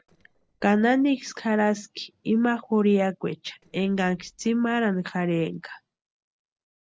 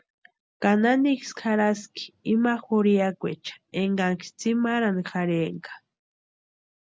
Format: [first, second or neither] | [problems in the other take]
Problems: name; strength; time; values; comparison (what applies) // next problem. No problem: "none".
second | noise reduction (neural separator model SepFormer DNS4)